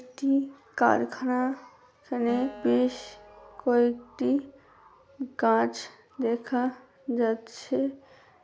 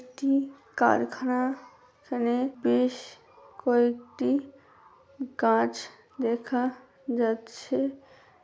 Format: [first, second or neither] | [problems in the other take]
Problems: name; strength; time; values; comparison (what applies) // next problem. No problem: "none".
second | background sound (Acoustic guitar); 20 dB below the speech